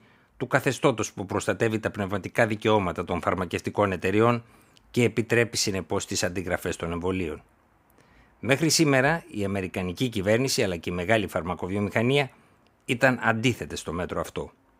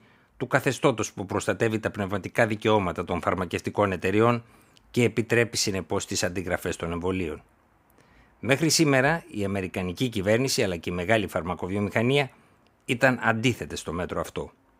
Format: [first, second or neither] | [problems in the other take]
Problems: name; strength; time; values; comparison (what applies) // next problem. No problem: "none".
neither | none